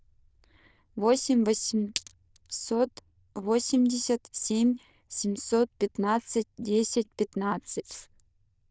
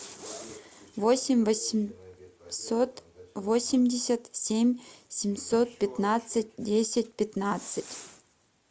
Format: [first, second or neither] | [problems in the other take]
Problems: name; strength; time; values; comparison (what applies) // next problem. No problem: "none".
second | noise reduction (neural diffusion model UNIVERSE++)